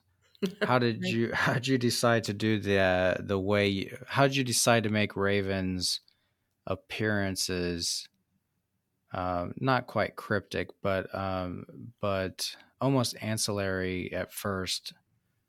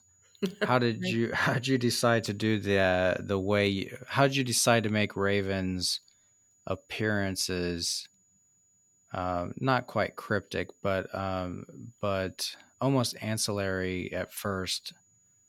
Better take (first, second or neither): first